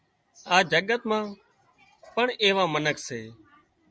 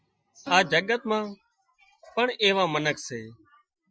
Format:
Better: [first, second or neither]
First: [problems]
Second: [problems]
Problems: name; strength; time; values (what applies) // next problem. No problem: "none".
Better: first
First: none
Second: noise reduction (classical method Wiener filter)